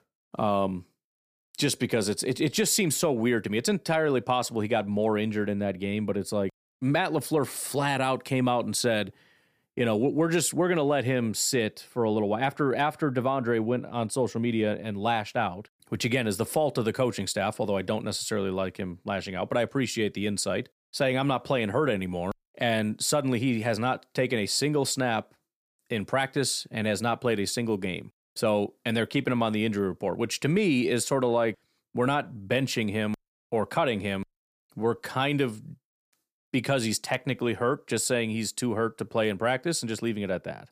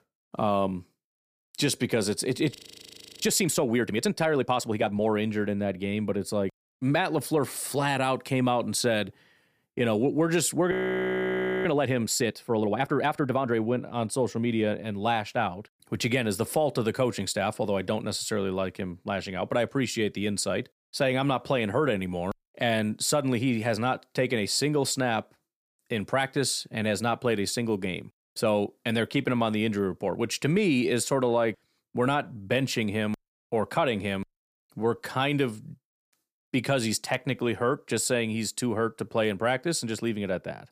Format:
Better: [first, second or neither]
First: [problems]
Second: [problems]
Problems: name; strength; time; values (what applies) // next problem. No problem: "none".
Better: first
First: none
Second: audio freezing; at 2.5 s for 0.5 s and at 11 s for 1 s